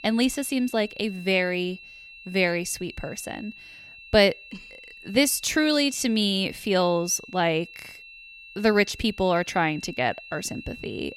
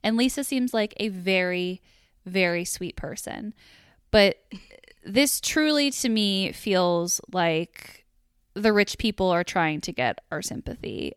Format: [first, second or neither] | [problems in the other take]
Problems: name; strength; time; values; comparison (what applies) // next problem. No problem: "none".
second | high-pitched whine; noticeable; throughout; 2.5 kHz, 20 dB below the speech